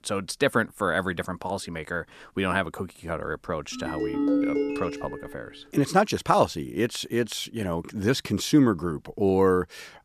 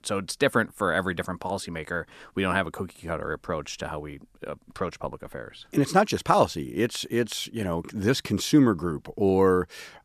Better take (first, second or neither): second